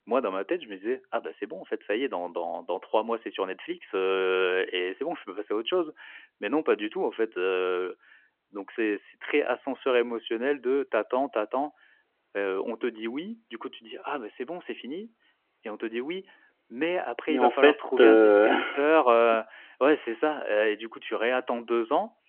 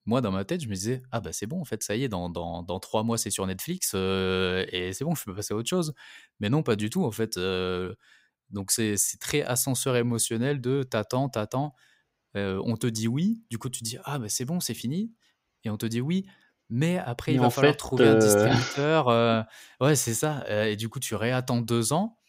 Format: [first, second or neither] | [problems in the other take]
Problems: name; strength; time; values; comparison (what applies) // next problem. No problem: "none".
second | phone-call audio